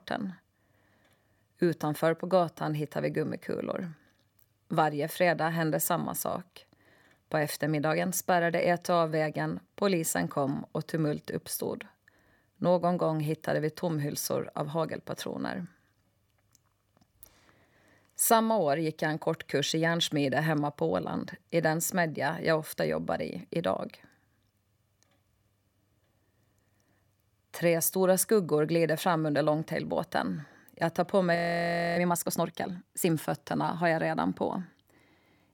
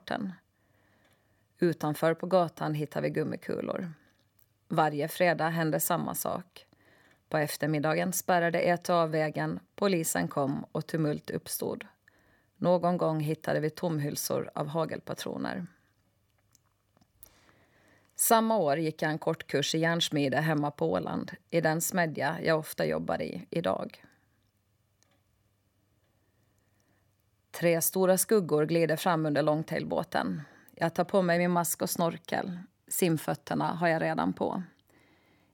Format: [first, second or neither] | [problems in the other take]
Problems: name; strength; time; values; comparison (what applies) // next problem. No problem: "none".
second | audio freezing; at 31 s for 0.5 s